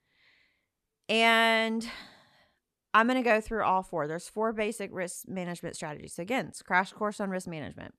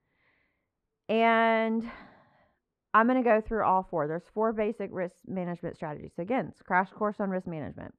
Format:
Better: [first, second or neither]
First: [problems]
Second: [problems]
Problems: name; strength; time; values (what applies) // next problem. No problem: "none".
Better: first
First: none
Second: muffled; very; fading above 3.5 kHz